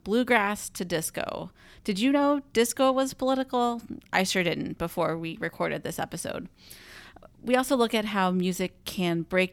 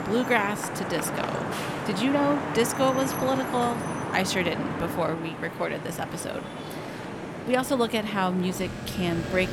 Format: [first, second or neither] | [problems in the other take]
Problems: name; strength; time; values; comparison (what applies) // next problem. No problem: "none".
first | traffic noise; loud; throughout; 5 dB below the speech